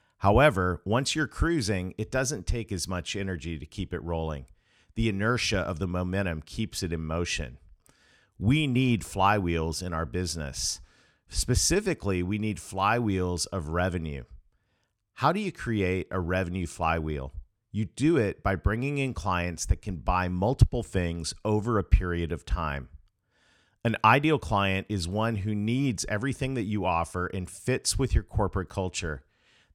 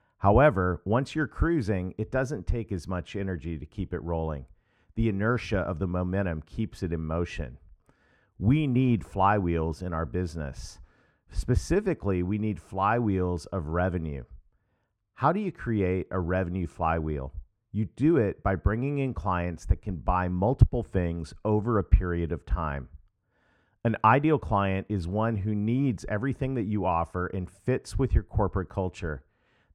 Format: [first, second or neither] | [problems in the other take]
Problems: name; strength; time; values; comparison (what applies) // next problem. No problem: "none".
first | muffled; very; fading above 2.5 kHz